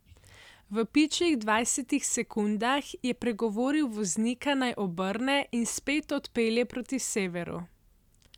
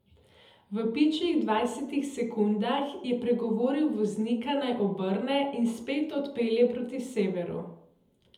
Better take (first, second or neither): first